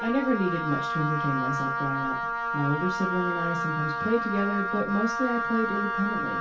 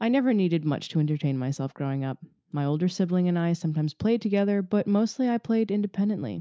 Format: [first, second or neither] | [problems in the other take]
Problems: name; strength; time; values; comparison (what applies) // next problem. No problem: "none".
second | background sound (Wind instrument, woodwind instrument); 1 dB below the speech // room echo; dies away in 0.2 s